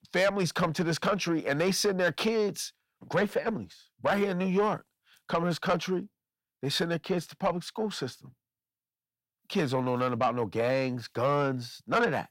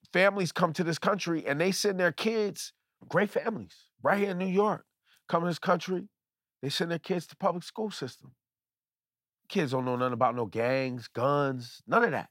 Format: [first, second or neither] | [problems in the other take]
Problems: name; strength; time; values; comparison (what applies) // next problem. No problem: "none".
second | distortion; slight; 10 dB below the speech